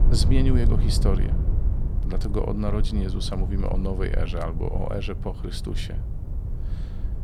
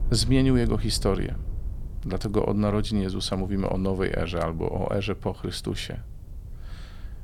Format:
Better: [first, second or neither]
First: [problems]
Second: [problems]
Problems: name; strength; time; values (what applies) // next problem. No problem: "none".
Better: second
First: low rumble; loud; throughout; 9 dB below the speech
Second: low rumble; faint; throughout; 25 dB below the speech